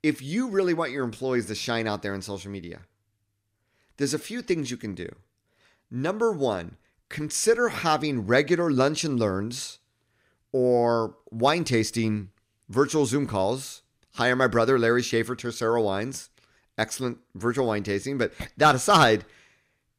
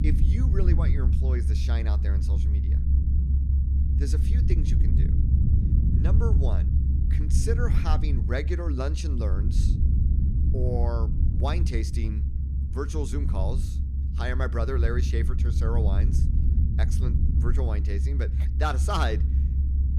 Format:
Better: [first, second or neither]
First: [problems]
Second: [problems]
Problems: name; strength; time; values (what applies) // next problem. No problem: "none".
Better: first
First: none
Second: low rumble; loud; throughout; 6 dB below the speech